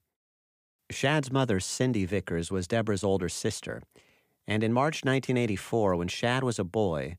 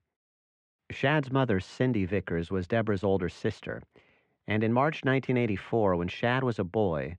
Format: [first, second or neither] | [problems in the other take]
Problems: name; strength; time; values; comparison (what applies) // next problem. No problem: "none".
first | muffled; very; fading above 2 kHz